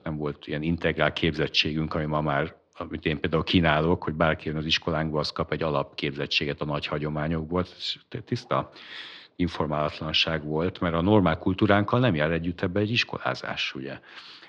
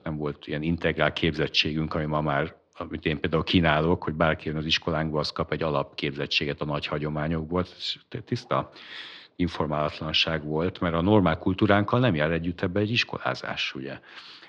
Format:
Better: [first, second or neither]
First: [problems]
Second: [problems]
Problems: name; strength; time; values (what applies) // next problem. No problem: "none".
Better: neither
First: muffled; very slightly; fading above 4 kHz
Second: muffled; very slightly; fading above 4 kHz